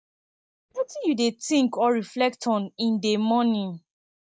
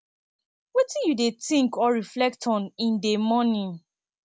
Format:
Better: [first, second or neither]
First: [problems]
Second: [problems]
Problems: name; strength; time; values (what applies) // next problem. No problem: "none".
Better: second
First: noise reduction (neural mask model DeepFilterNet 3)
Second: none